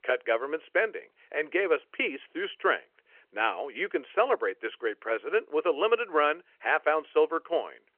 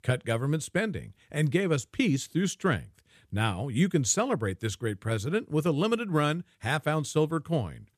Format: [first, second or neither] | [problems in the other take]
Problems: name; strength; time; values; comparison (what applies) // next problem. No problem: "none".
second | phone-call audio